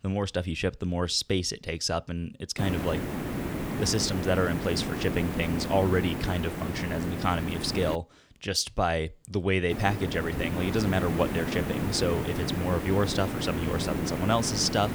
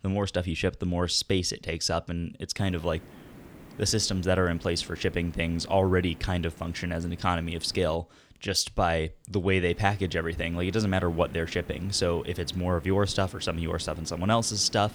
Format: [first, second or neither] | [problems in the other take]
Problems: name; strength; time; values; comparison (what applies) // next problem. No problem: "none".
second | hiss; loud; from 2.5 to 8 s and from 9.5 s on; 4 dB below the speech; faint in the second